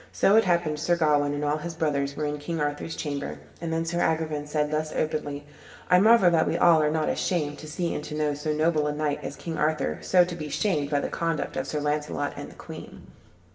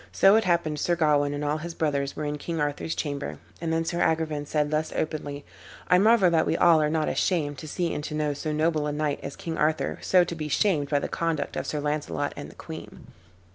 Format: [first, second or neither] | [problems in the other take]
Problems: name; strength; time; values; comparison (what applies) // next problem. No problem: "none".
second | room echo; dies away in 1.6 s